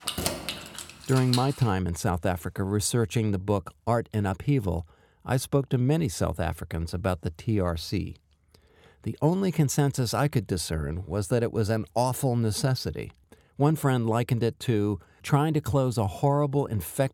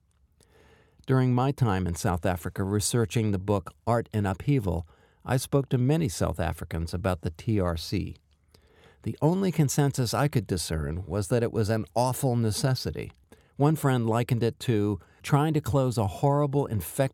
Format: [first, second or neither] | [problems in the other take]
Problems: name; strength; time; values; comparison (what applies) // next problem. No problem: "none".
second | jangling keys; noticeable; until 1.5 s; peak 2 dB below the speech